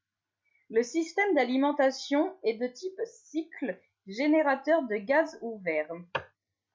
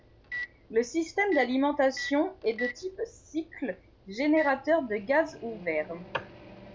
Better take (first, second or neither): first